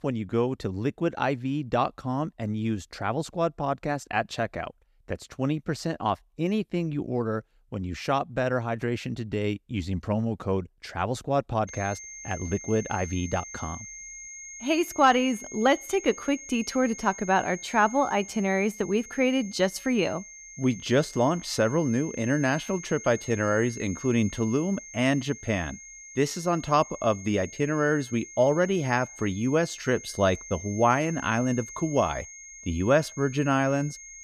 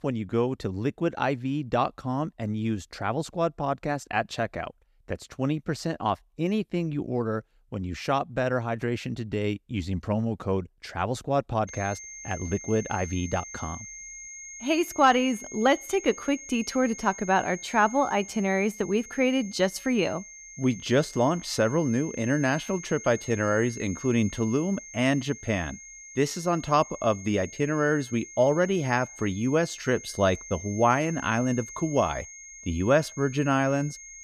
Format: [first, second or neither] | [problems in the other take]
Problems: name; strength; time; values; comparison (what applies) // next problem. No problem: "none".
neither | high-pitched whine; noticeable; from 12 s on; 6.5 kHz, 15 dB below the speech; the same in both